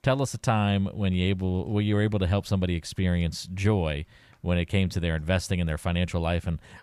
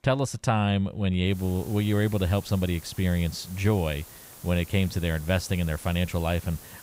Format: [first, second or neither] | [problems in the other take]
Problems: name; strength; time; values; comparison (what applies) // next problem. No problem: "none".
first | hiss; noticeable; from 1.5 s on; 20 dB below the speech